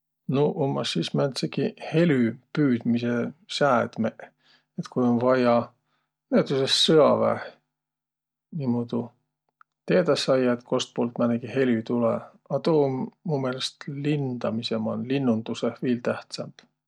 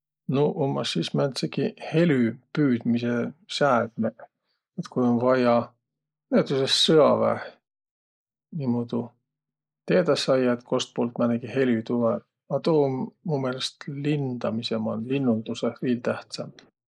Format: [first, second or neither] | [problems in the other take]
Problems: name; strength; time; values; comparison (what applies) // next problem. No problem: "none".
first | noise reduction (neural mask model Resemble Enhance denoiser)